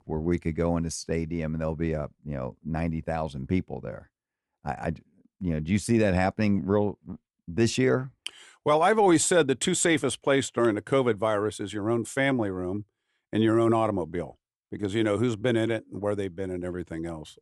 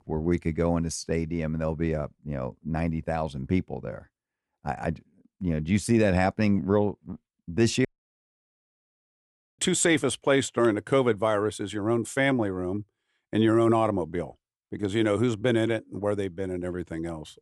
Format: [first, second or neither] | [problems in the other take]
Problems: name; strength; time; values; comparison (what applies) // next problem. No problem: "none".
first | audio cutting out; at 8 s for 1.5 s